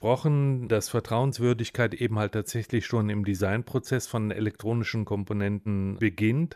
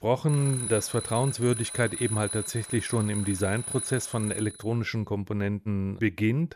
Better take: first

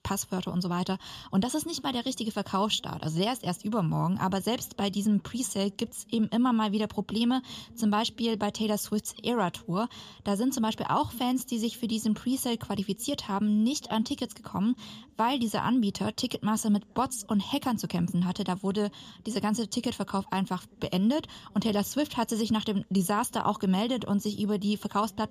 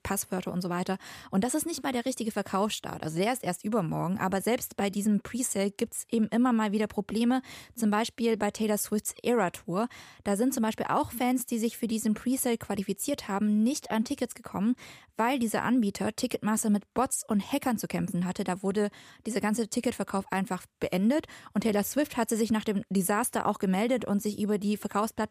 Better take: second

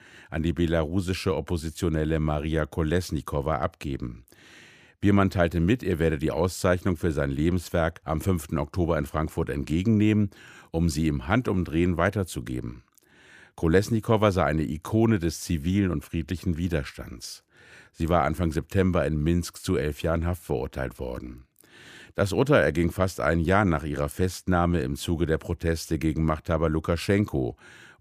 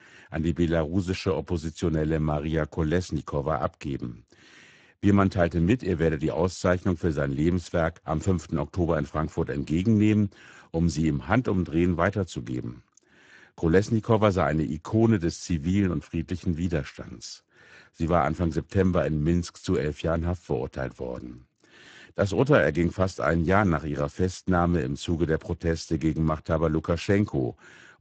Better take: first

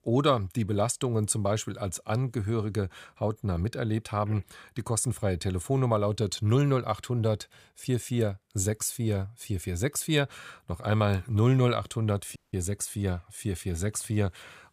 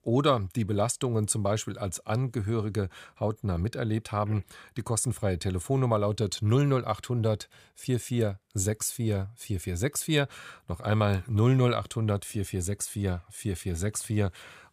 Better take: second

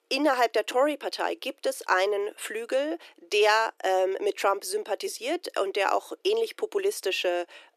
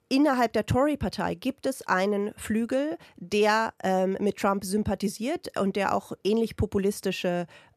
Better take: second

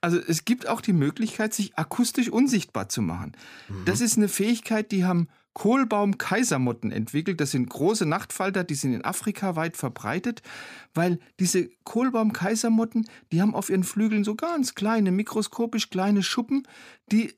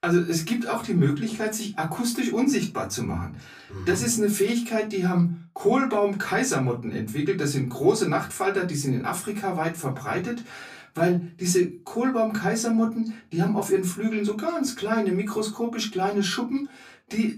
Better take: first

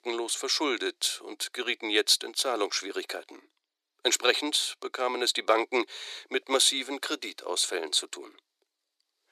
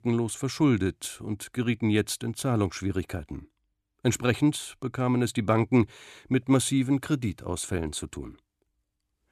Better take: second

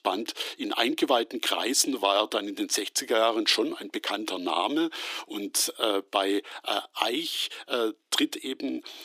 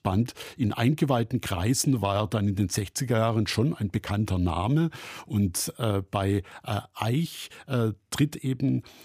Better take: second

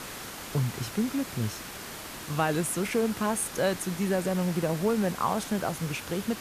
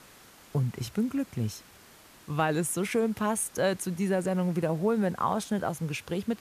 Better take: second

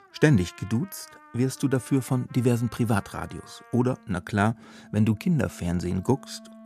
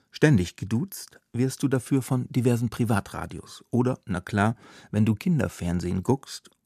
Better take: second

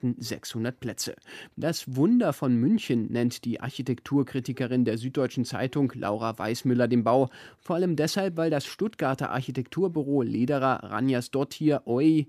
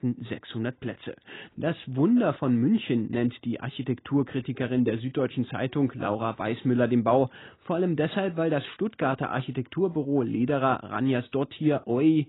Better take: first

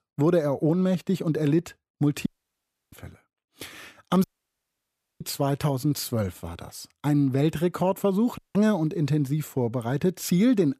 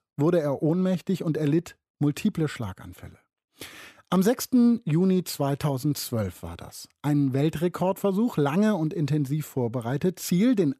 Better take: second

